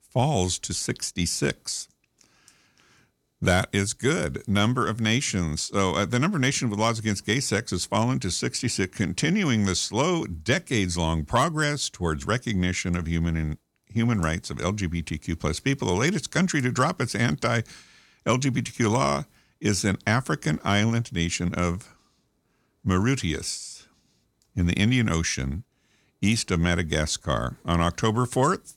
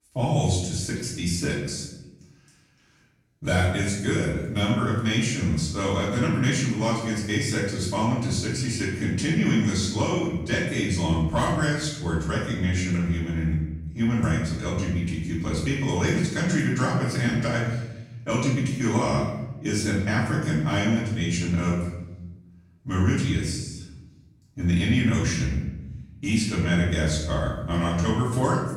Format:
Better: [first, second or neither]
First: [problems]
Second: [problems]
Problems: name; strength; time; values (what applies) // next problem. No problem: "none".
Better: first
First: none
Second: off-mic speech; far // room echo; noticeable; dies away in 1.1 s